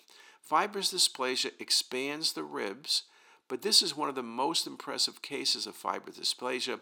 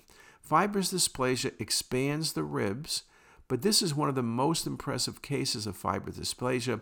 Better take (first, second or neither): second